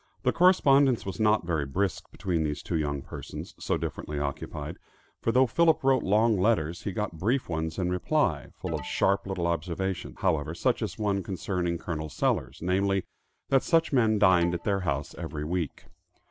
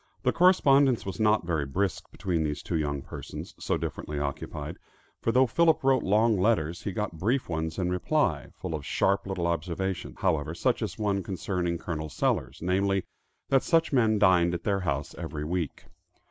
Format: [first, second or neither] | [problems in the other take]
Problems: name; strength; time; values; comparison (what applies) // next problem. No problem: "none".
second | background sound (Alarm); 19 dB below the speech